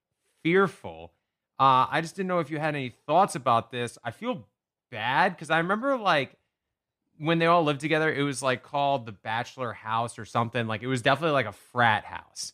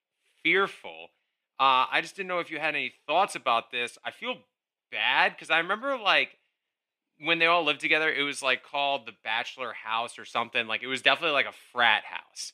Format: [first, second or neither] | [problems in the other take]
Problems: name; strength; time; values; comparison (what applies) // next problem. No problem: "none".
first | thin; somewhat; fading below 300 Hz